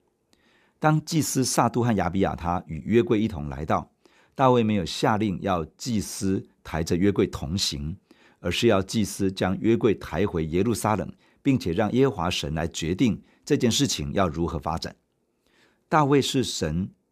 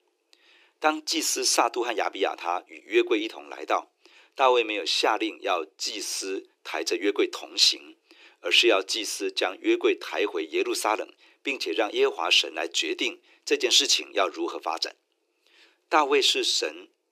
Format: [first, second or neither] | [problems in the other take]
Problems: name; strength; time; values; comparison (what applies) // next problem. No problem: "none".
first | thin; very; fading below 300 Hz